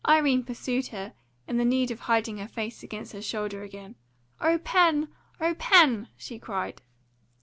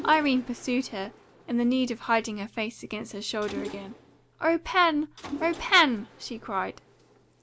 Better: first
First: none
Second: background sound (Mechanisms); 17 dB below the speech

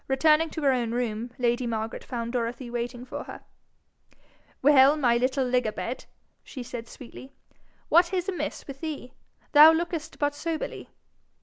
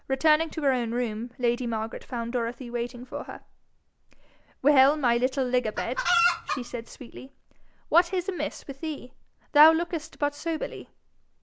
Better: first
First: none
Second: background sound (Chicken, rooster); as loud as the speech

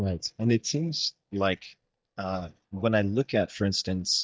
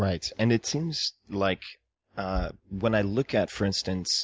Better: second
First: noise reduction (neural mask model DeepFilterNet 3)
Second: none

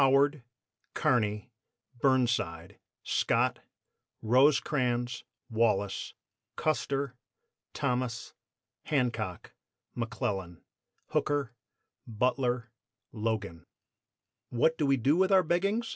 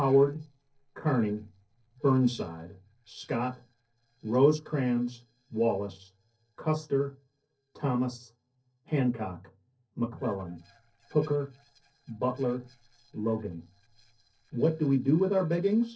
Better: first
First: none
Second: noise reduction (neural separator model SepFormer DNS4)

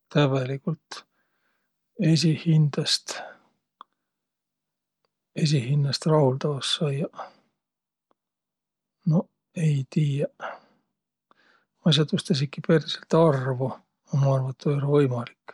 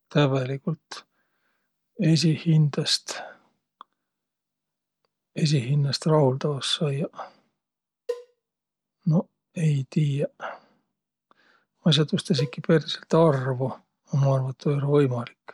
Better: first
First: none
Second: background sound (Cowbell); 14 dB below the speech

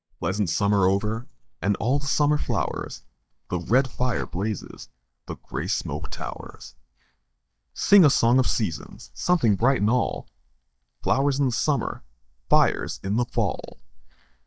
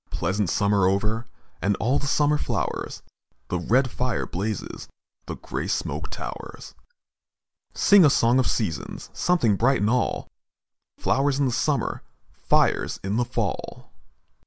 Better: second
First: noise reduction (neural mask model DeepFilterNet 3)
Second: none

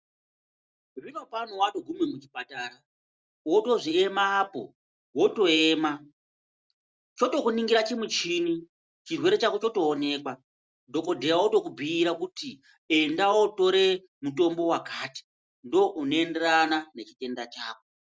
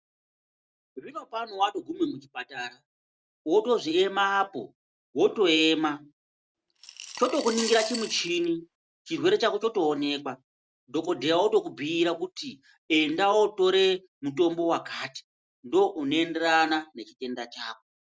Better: first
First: none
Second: background sound (Coin (dropping) / Glass); 11 dB below the speech

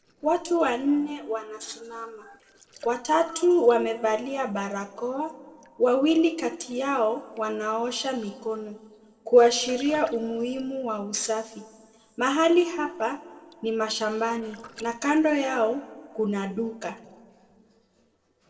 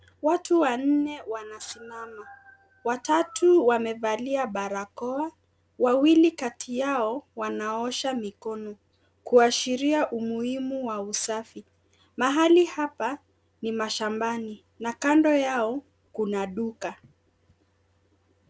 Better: second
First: noise reduction (neural separator model SepFormer DNS4)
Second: none

